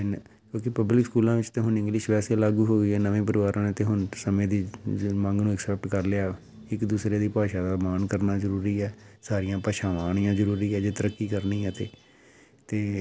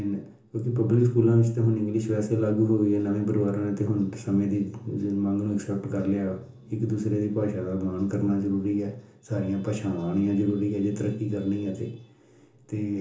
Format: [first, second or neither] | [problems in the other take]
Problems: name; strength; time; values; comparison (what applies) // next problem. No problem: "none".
first | room echo; dies away in 0.6 s